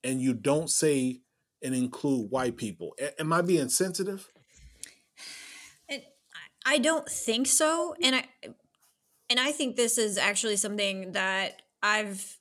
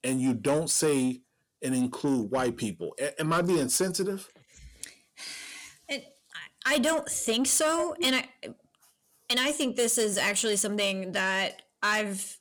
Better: first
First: none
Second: distortion; slight; 10 dB below the speech

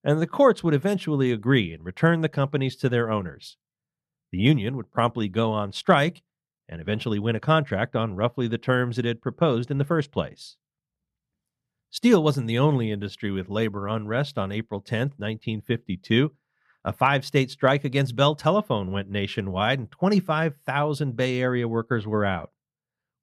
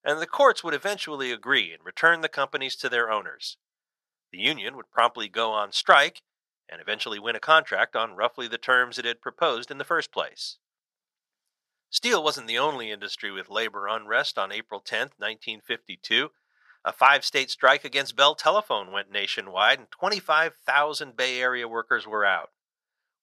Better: first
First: none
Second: thin; very; fading below 750 Hz

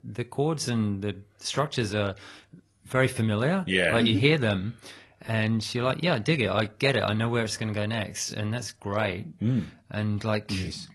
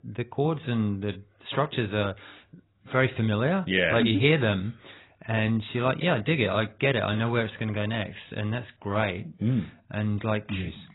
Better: first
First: garbled, watery; slightly; nothing above 11.5 kHz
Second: garbled, watery; badly; nothing above 4 kHz

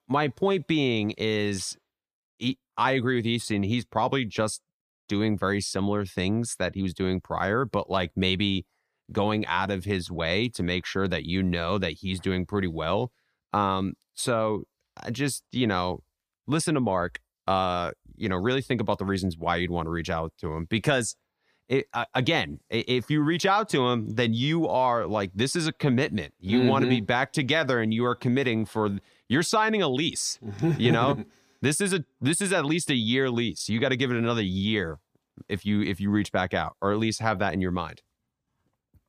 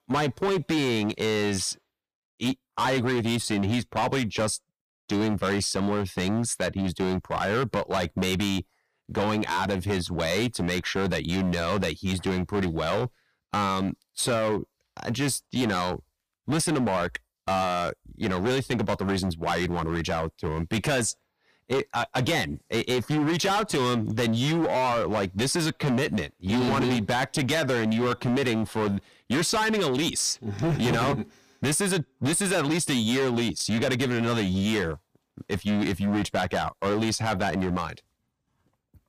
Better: first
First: none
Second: distortion; heavy; 19% of the sound clipped

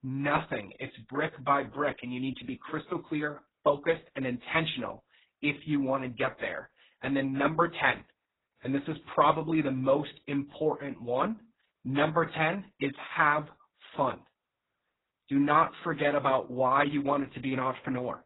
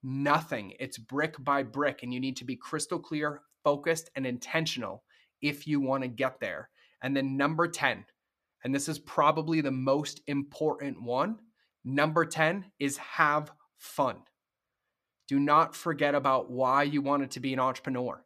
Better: second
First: garbled, watery; badly; nothing above 4 kHz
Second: none

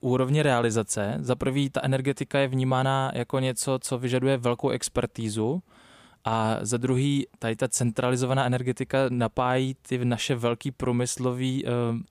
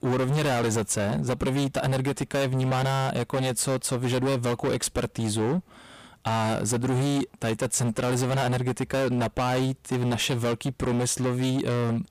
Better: first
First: none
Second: distortion; heavy; 29% of the sound clipped

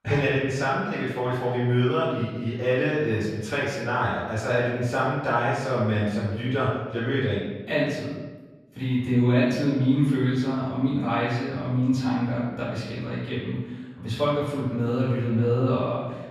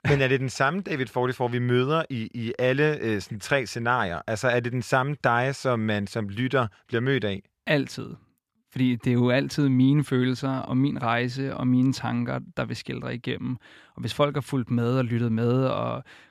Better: second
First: off-mic speech; far // room echo; noticeable; dies away in 1.1 s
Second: none

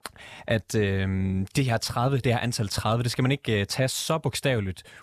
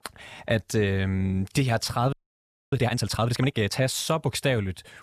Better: first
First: none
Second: audio freezing; at 2 s for 0.5 s

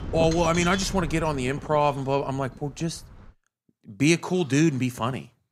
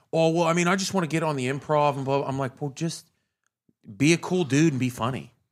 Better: second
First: wind noise on the microphone; occasional gusts; until 3.5 s; 10 dB below the speech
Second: none

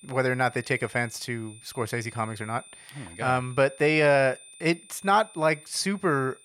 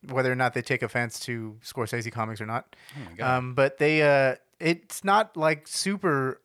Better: second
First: high-pitched whine; faint; throughout; 9 kHz, 20 dB below the speech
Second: none

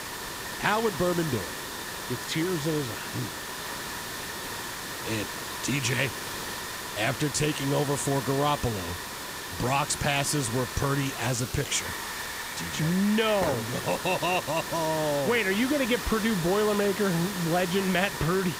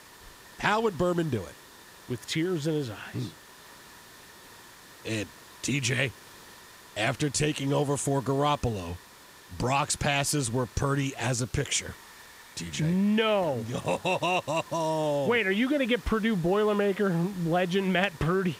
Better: second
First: hiss; loud; throughout; 6 dB below the speech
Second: hiss; faint; throughout; 20 dB below the speech

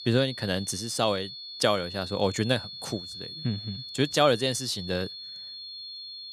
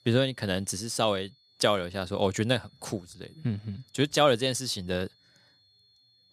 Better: second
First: high-pitched whine; loud; throughout; 4.5 kHz, 10 dB below the speech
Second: high-pitched whine; faint; throughout; 4.5 kHz, 35 dB below the speech

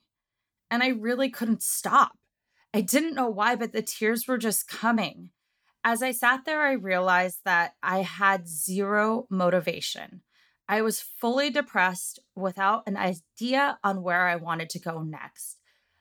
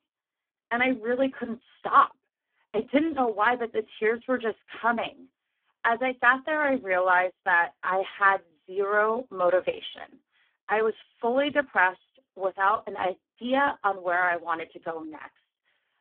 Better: first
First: none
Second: phone-call audio; poor line

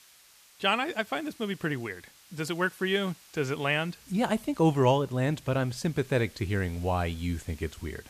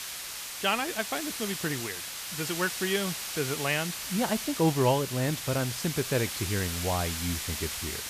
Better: first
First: hiss; faint; throughout; 25 dB below the speech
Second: hiss; loud; throughout; 3 dB below the speech

